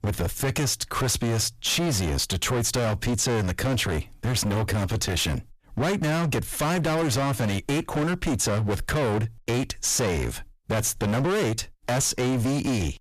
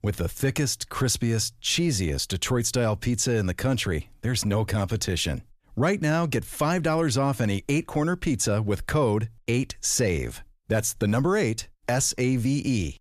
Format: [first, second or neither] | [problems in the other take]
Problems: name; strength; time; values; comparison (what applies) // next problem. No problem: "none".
second | distortion; heavy; 33% of the sound clipped